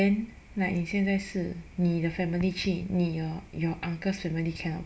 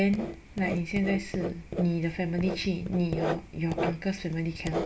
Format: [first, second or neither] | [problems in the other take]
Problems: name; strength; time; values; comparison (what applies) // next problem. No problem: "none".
first | background sound (Writing); 6 dB below the speech